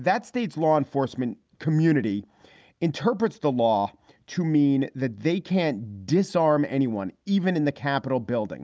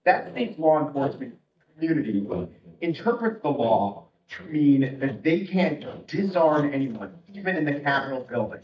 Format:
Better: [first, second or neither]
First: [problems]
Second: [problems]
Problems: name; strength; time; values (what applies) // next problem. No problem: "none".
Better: first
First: none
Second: noise reduction (neural mask model DeepFilterNet 3)